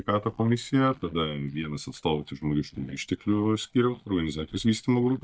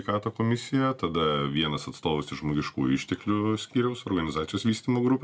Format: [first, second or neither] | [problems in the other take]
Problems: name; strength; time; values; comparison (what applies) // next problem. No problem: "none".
second | noise reduction (neural mask model DeepFilterNet 3)